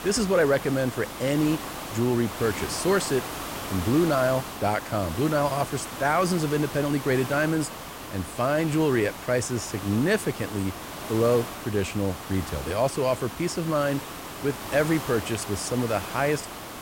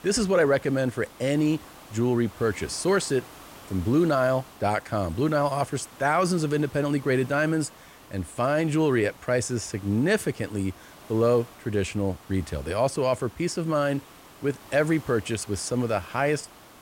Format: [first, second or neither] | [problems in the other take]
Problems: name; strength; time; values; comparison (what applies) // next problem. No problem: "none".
second | hiss; loud; throughout; 9 dB below the speech; faint in the second